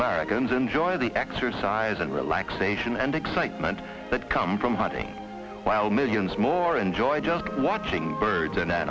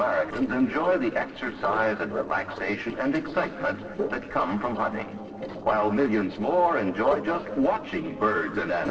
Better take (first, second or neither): first